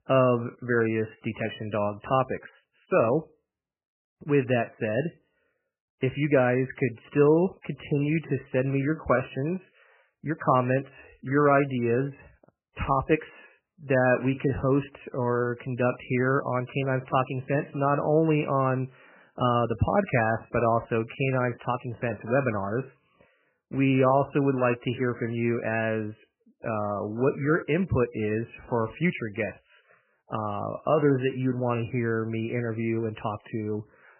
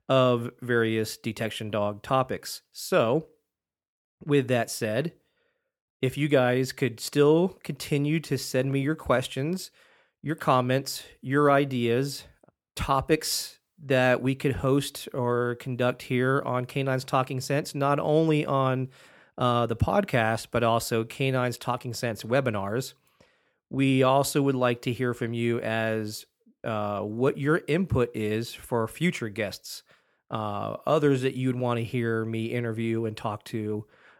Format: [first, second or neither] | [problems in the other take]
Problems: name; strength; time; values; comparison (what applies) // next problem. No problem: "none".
second | garbled, watery; badly; nothing above 3 kHz